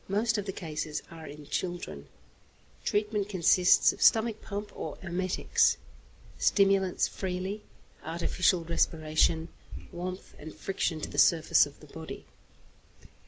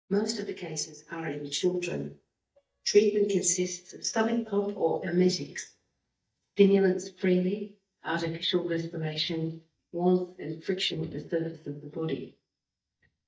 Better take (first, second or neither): first